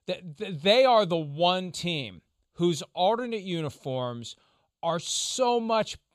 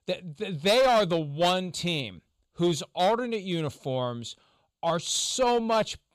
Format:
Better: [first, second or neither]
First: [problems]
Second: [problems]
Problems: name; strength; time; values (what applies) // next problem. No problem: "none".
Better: first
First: none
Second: distortion; slight; 5% of the sound clipped